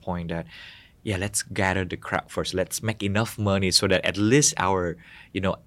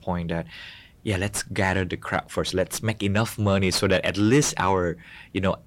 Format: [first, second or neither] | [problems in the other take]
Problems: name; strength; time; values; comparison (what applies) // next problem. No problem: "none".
first | distortion; slight; 10 dB below the speech